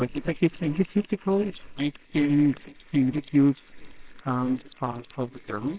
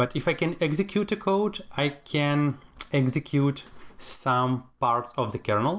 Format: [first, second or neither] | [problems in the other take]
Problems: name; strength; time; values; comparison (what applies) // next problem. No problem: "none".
second | noise reduction (neural separator model SepFormer WHAMR!)